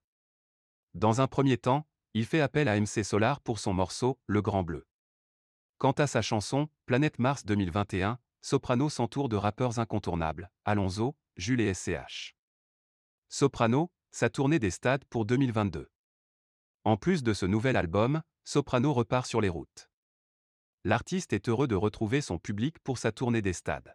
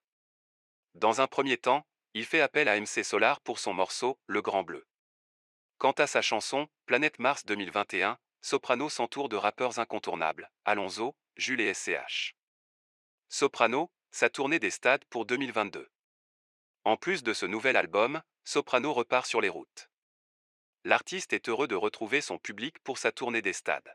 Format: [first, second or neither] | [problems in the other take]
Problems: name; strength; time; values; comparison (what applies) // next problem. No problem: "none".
first | thin; somewhat; fading below 500 Hz